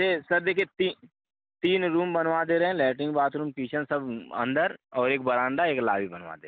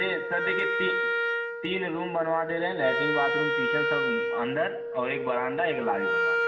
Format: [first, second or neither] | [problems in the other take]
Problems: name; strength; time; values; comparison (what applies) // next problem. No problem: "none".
first | background sound (Wind instrument, woodwind instrument); 2 dB above the speech // room echo; dies away in 0.8 s